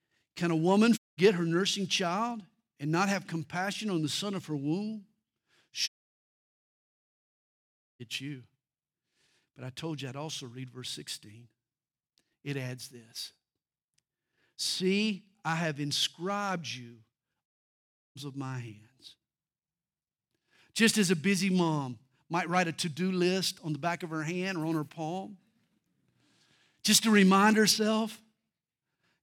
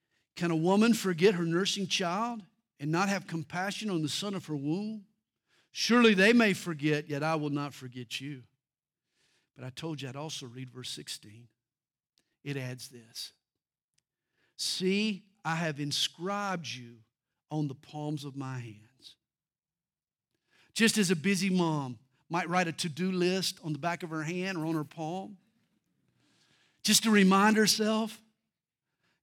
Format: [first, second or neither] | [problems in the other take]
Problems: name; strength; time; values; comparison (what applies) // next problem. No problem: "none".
second | audio cutting out; at 1 s, at 6 s for 2 s and at 17 s for 0.5 s